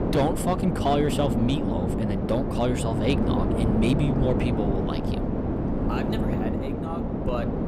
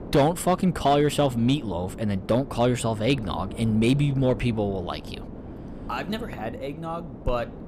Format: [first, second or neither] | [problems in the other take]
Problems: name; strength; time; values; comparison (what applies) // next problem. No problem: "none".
second | wind noise on the microphone; heavy; 1 dB below the speech; occasional gusts in the second